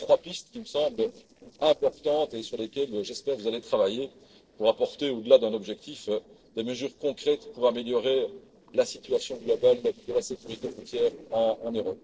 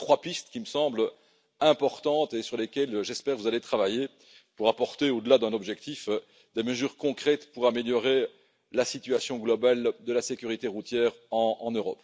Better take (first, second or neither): second